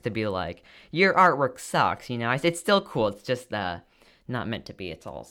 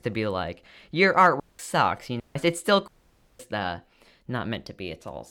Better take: first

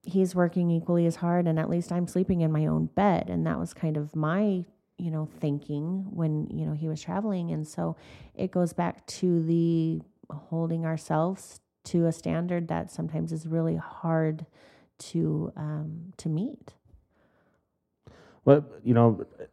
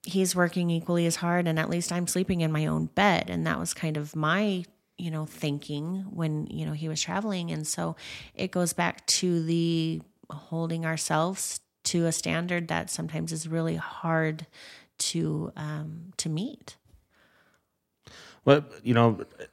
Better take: second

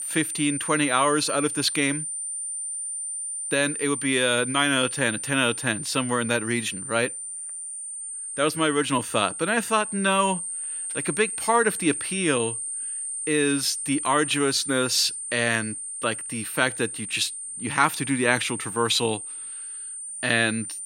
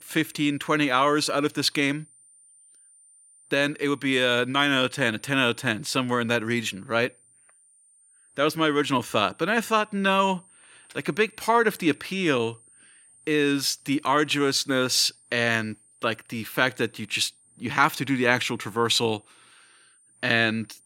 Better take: second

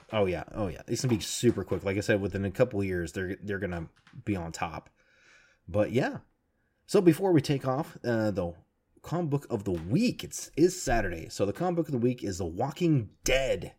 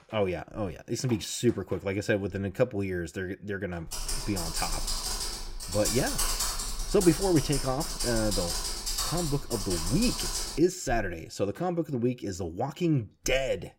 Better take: first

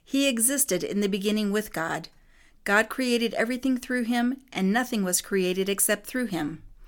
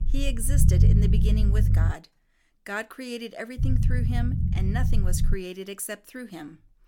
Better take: first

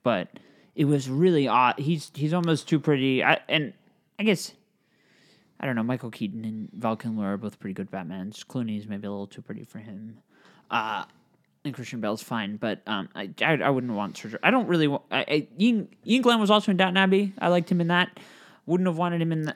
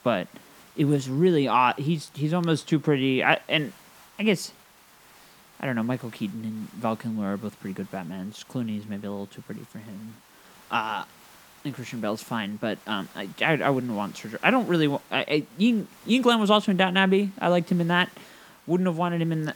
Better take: first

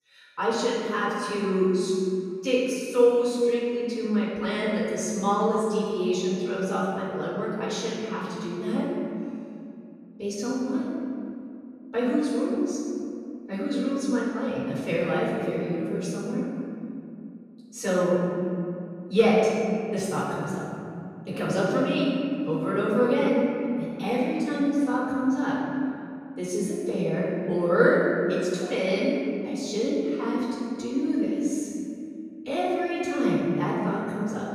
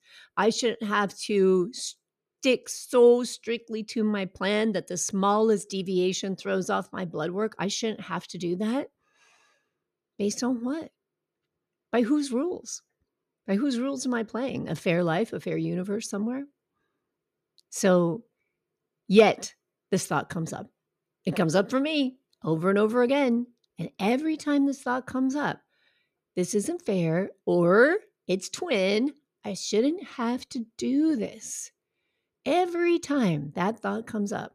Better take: second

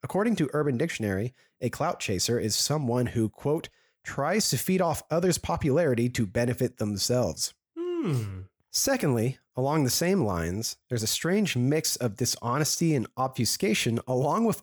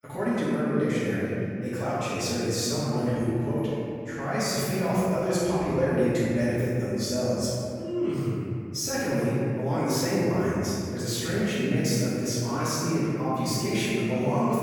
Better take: first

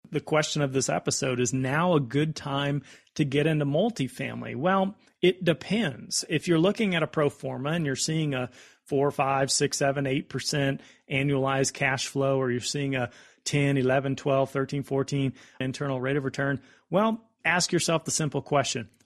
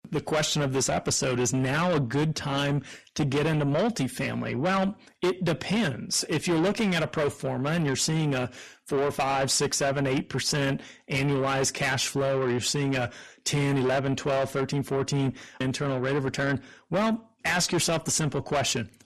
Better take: first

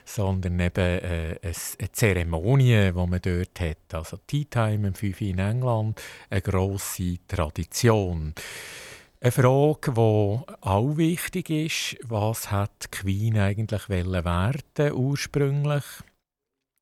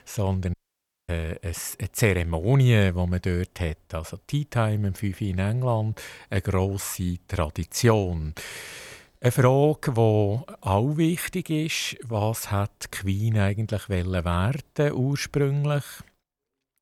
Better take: first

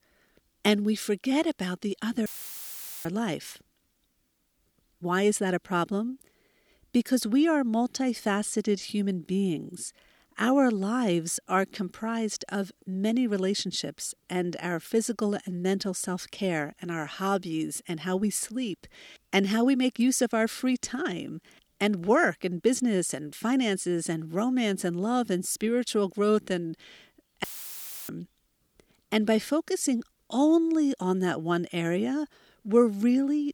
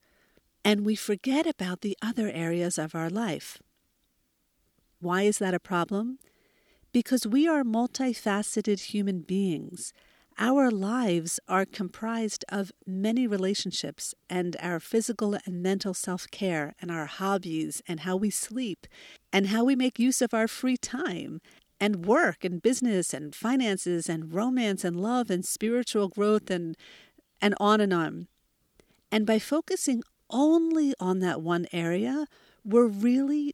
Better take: second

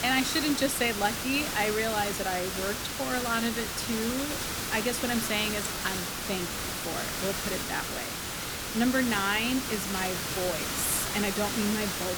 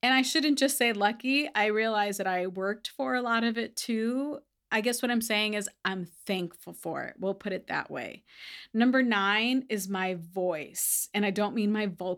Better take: second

